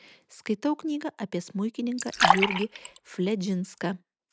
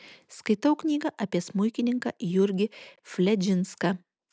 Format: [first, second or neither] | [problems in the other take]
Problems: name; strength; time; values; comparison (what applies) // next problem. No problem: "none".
second | background sound (Fill (with liquid)); 3 dB above the speech